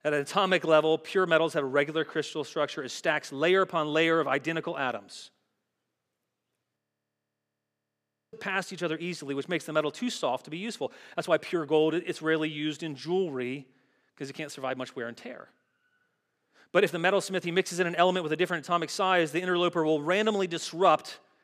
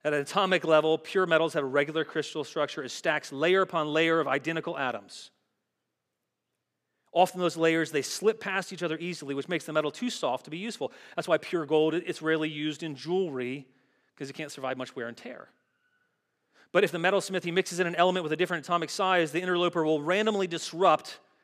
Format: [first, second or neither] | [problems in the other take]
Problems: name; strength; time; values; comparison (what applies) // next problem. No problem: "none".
second | audio freezing; at 7 s for 1.5 s